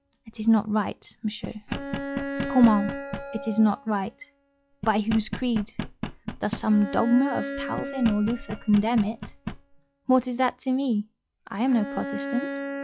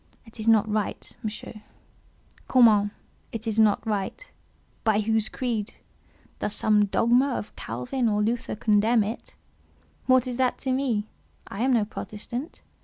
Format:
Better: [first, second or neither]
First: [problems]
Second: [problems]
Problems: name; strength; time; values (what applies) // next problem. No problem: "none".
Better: second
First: noise reduction (classical method log-MMSE)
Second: none